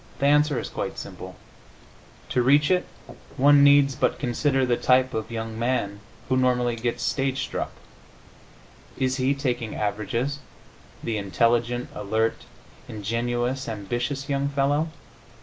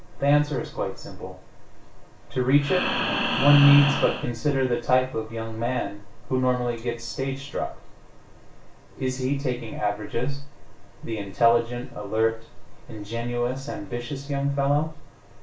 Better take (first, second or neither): first